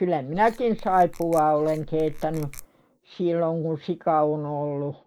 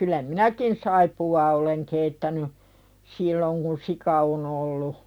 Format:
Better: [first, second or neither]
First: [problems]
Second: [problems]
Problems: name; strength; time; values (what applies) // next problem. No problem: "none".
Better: second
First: noise reduction (neural mask model Resemble Enhance denoiser)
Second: none